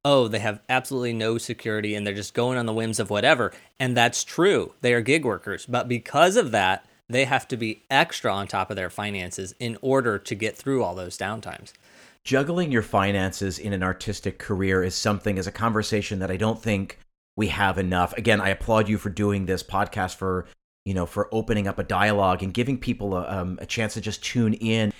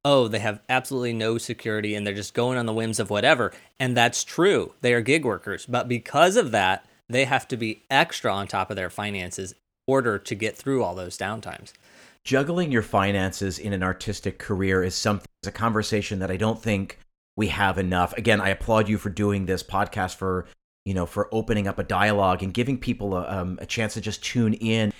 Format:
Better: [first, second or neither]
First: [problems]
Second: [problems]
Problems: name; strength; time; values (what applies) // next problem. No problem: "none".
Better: first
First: none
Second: audio cutting out; at 9.5 s and at 15 s